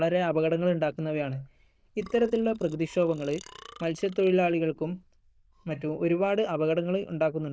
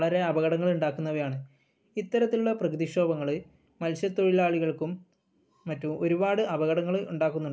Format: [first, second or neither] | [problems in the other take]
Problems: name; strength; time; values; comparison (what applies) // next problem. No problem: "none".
second | noise reduction (neural diffusion model UNIVERSE++)